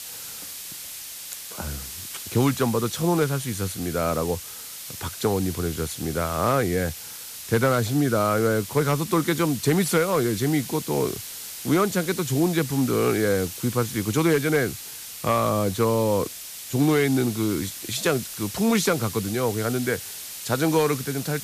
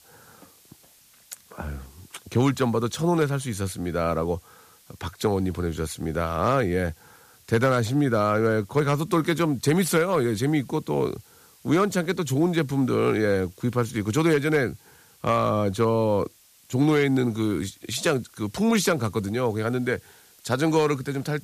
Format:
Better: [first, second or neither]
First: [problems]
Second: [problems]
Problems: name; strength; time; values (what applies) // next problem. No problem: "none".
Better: second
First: hiss; loud; throughout; 10 dB below the speech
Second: hiss; faint; throughout; 30 dB below the speech